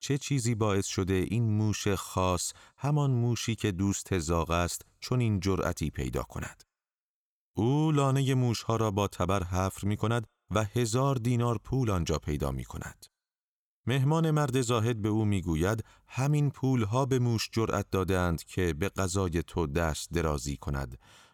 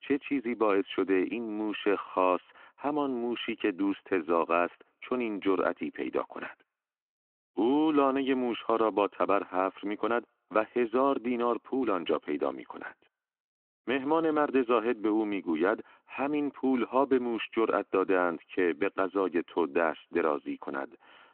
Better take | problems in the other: first | phone-call audio

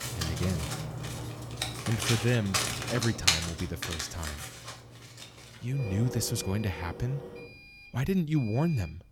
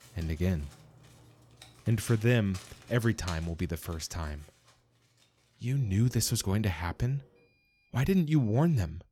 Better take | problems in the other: second | household noises; loud; throughout; 2 dB below the speech; faint in the second

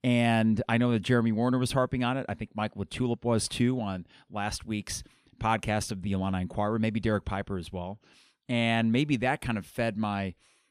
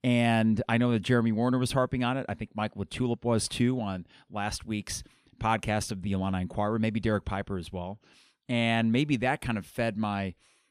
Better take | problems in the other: neither | none

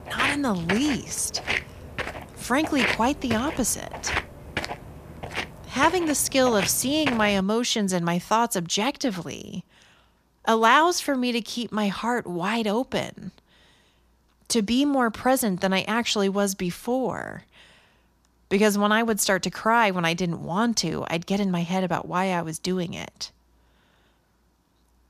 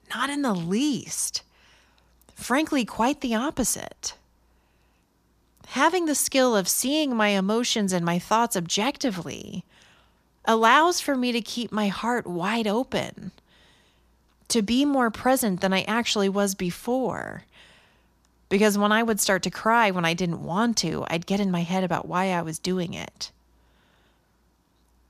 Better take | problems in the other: second | footsteps; noticeable; until 7.5 s; peak 1 dB below the speech

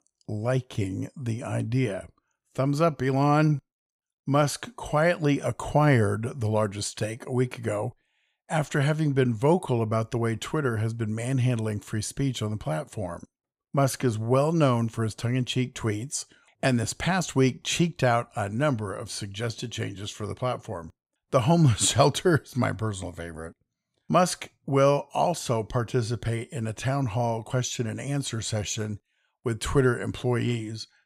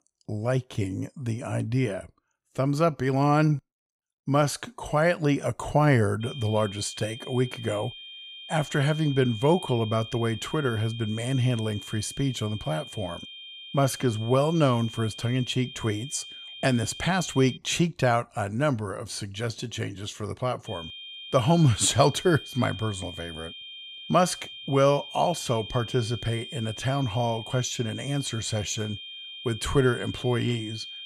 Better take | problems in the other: first | high-pitched whine; noticeable; from 6 to 18 s and from 21 s on; 3 kHz, 10 dB below the speech

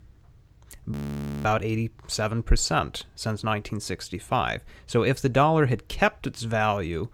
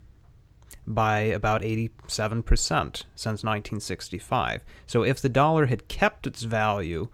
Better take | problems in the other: second | audio freezing; at 1 s for 0.5 s

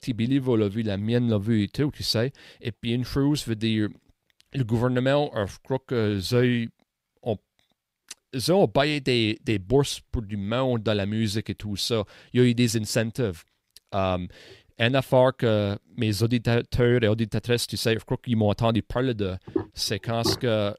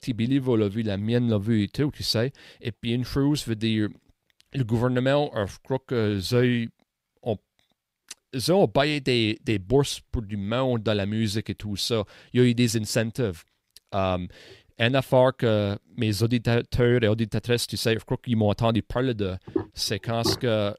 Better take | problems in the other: neither | none

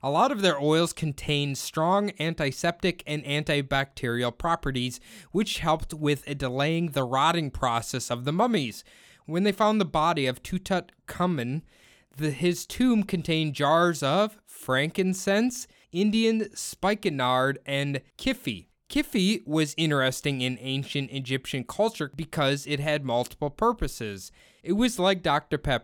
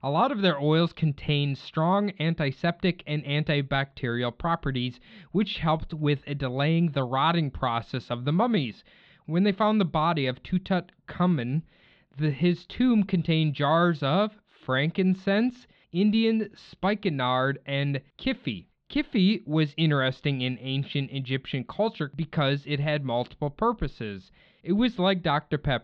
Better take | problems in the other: first | muffled; very slightly; fading above 4 kHz

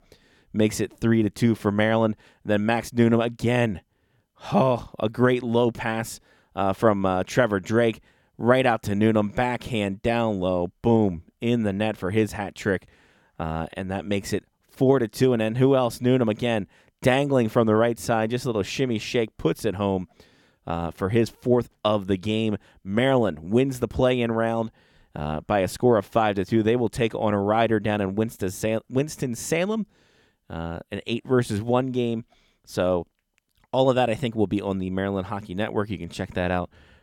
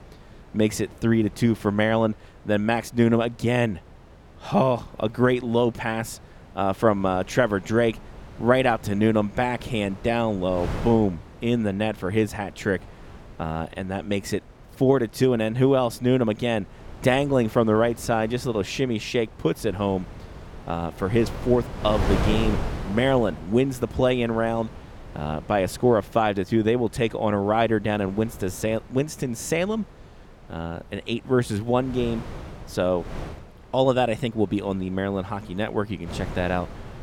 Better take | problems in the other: first | wind noise on the microphone; occasional gusts; 15 dB below the speech

